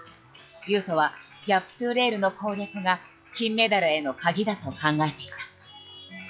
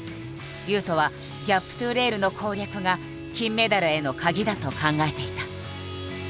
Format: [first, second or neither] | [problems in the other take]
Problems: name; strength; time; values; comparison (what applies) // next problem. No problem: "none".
second | noise reduction (classical method log-MMSE)